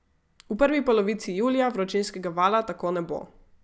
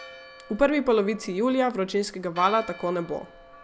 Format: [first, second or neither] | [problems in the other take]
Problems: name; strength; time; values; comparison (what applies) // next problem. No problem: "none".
first | background sound (Church bell); 20 dB below the speech